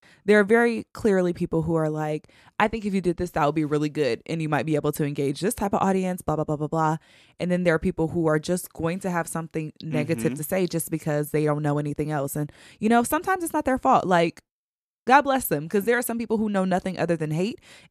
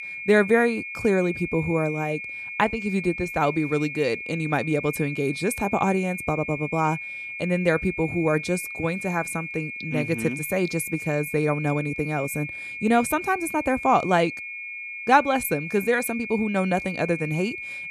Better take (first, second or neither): first